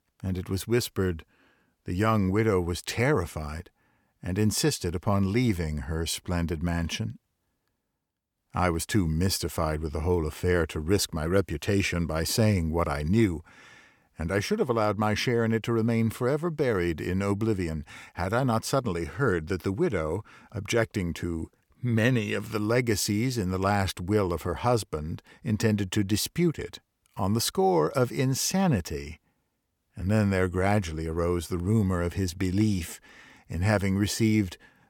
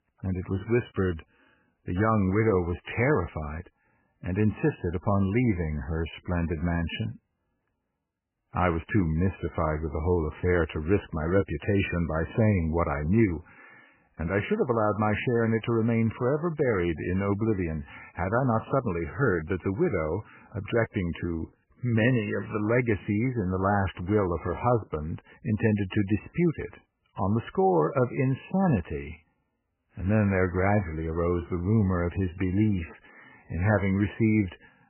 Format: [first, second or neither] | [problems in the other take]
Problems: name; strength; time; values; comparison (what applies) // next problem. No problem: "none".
first | garbled, watery; badly; nothing above 3 kHz